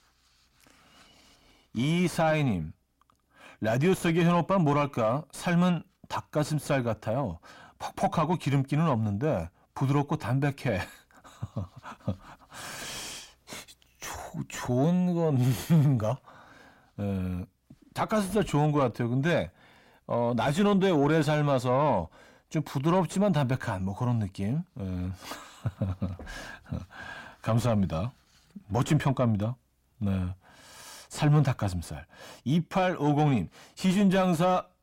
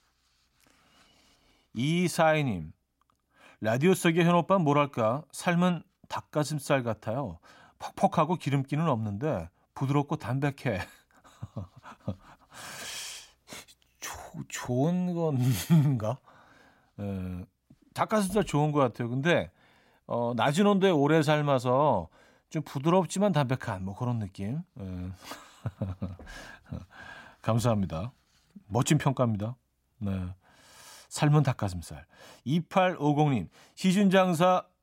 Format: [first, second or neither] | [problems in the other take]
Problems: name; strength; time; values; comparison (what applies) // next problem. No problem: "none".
second | distortion; slight; 10 dB below the speech